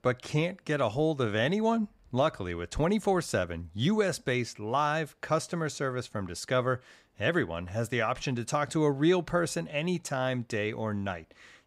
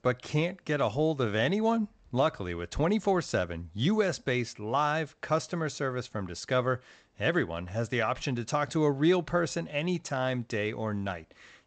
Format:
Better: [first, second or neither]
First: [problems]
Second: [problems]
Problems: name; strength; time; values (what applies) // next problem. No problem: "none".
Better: first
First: none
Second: garbled, watery; slightly; nothing above 8 kHz